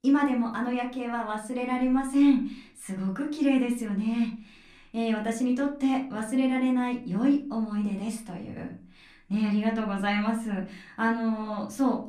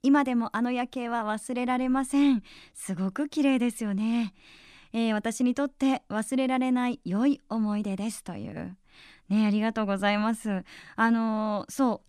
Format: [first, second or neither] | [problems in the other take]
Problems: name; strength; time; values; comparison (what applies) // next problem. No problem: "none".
second | off-mic speech; far // room echo; very slight; dies away in 0.3 s